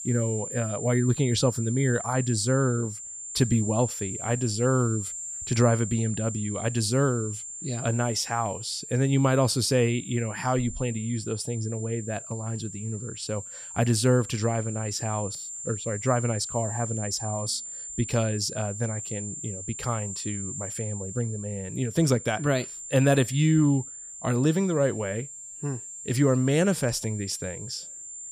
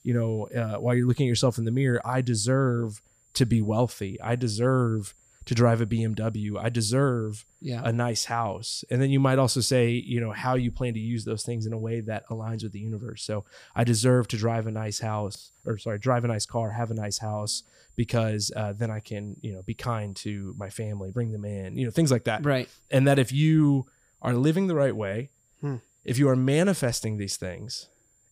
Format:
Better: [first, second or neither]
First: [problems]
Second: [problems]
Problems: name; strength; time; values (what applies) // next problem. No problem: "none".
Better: second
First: high-pitched whine; loud; throughout; 7.5 kHz, 9 dB below the speech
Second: high-pitched whine; faint; throughout; 7.5 kHz, 35 dB below the speech